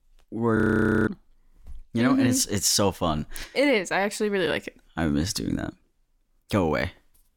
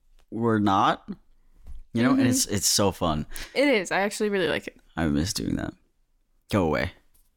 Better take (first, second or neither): second